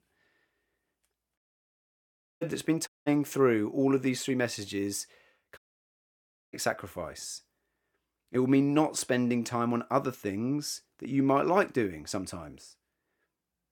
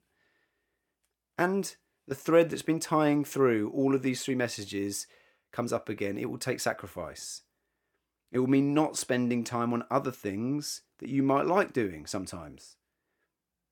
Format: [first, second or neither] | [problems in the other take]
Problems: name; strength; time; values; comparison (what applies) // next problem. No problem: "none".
second | audio cutting out; at 1.5 s for 1 s, at 3 s and at 5.5 s for 1 s